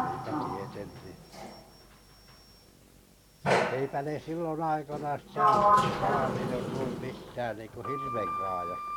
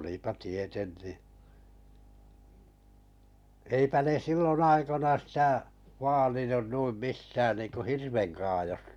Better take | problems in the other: second | background sound (Sliding door); 5 dB above the speech

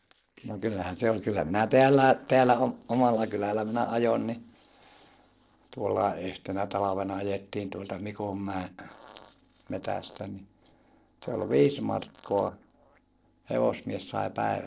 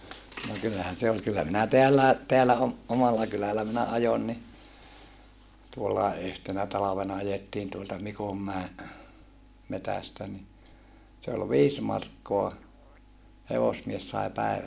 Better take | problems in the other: second | noise reduction (neural separator model SepFormer DNS4)

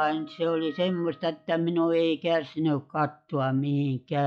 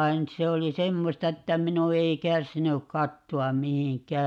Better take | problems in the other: second | noise reduction (classical method log-MMSE)

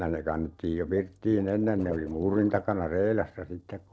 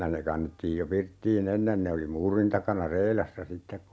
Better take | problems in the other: second | noise reduction (neural separator model SepFormer DNS4)

